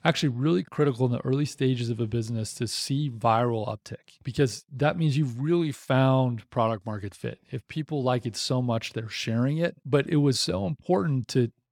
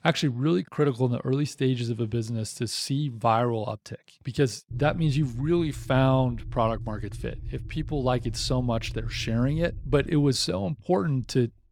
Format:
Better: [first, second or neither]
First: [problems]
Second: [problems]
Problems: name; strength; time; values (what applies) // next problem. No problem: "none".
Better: first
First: none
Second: low rumble; faint; from 4.5 s on; 25 dB below the speech